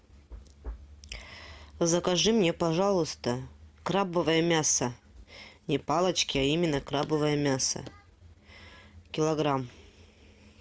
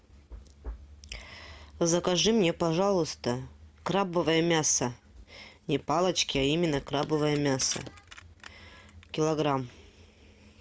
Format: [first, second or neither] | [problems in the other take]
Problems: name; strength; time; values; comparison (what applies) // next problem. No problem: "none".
first | background sound (Crushing); 20 dB below the speech